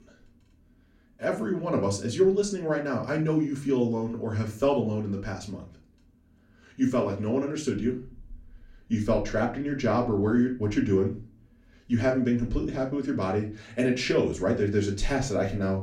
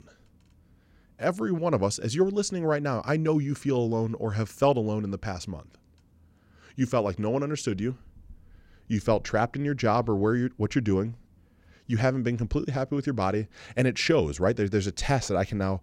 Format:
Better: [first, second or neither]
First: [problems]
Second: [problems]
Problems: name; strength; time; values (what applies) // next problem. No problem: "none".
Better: second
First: off-mic speech; far // room echo; very slight; dies away in 0.3 s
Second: none